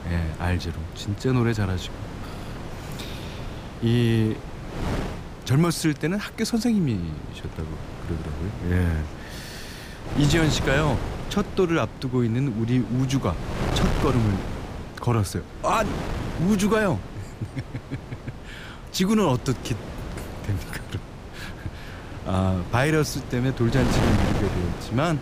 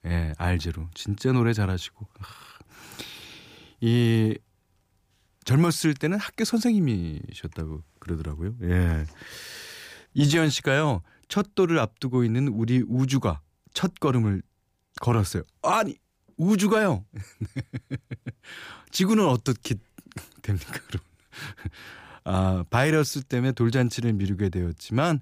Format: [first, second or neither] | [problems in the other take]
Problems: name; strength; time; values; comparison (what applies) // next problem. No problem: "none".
second | wind noise on the microphone; heavy; 8 dB below the speech